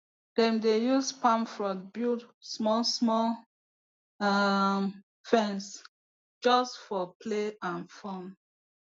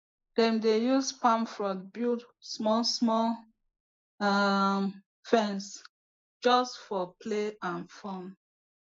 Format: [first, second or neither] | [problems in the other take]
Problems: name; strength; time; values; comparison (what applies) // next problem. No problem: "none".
first | noise reduction (neural mask model Resemble Enhance denoiser)